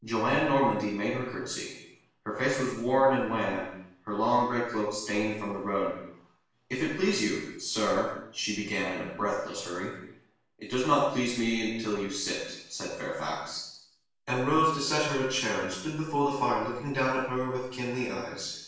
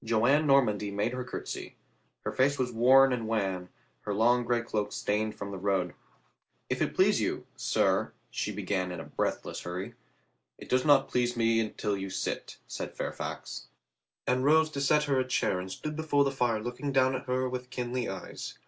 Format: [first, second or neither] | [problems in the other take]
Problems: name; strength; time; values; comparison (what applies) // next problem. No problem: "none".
second | room echo; dies away in 0.7 s